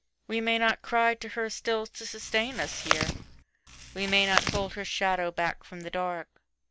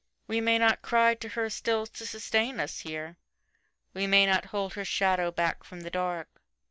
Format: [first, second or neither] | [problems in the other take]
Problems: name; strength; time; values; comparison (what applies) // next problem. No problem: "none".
second | background sound (Chewing, mastication); 3 dB below the speech